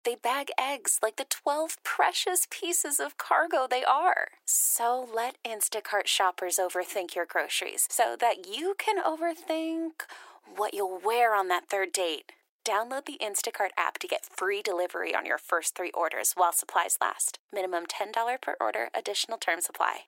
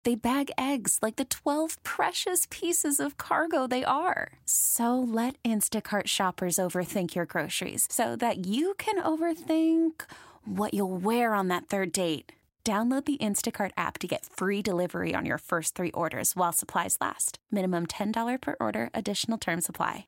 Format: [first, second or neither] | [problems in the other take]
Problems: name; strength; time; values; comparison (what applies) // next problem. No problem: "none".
second | thin; very; fading below 400 Hz